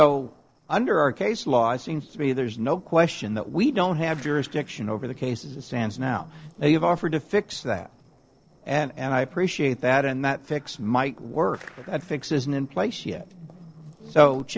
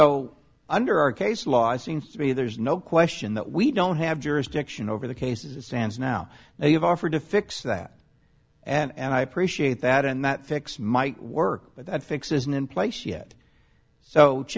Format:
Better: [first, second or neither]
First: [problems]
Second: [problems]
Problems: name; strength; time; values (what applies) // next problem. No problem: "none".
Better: second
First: noise reduction (neural separator model SepFormer DNS4)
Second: none